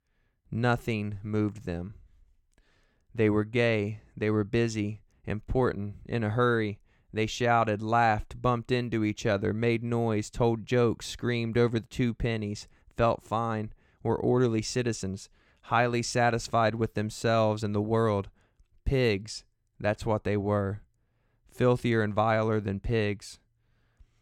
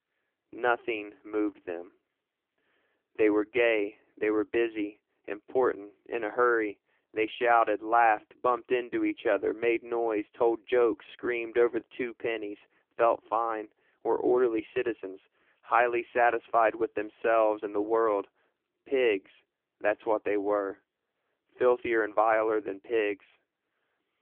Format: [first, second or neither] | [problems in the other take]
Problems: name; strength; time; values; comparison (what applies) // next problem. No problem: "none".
first | phone-call audio; poor line